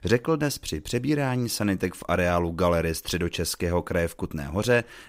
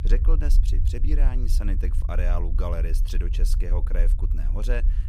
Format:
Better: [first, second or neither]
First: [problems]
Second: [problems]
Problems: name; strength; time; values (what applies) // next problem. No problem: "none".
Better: first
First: none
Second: low rumble; loud; throughout; 9 dB below the speech